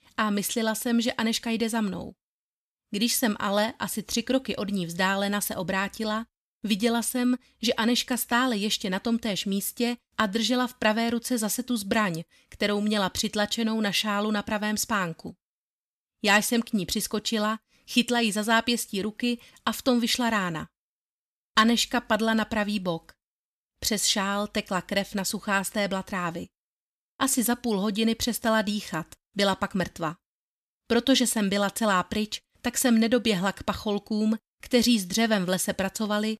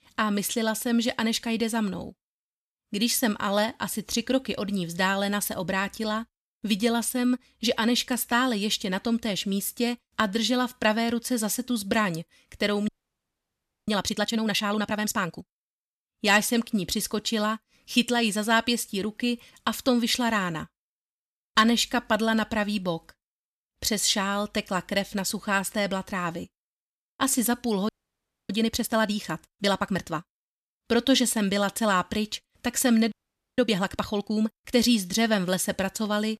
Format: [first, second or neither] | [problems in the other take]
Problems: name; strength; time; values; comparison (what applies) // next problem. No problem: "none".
first | audio freezing; at 13 s for 1 s, at 28 s for 0.5 s and at 33 s